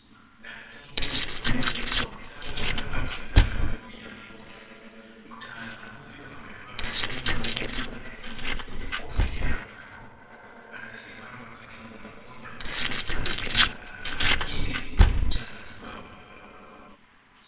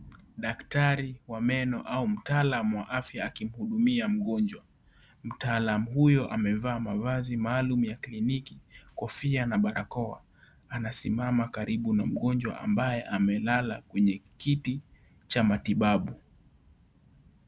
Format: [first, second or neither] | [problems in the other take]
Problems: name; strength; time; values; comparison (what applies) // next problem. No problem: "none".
second | noise reduction (neural separator model SepFormer WHAMR!)